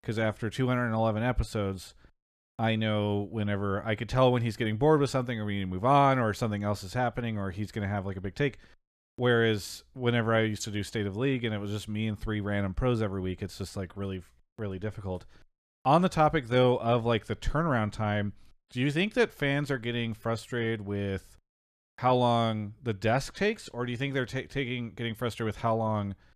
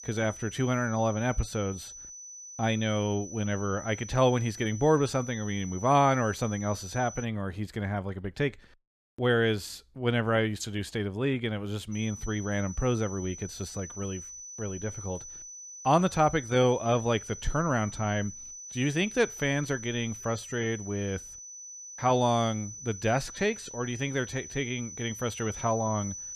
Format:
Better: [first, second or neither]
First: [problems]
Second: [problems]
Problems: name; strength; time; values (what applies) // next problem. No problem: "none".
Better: first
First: none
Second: high-pitched whine; noticeable; until 7 s and from 12 s on; 6 kHz, 10 dB below the speech